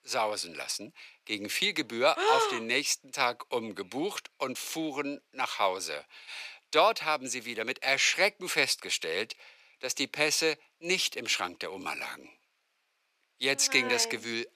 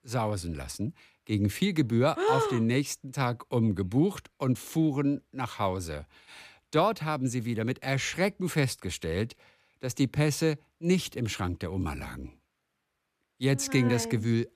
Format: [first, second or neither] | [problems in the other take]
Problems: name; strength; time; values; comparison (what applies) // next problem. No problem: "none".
second | thin; very; fading below 600 Hz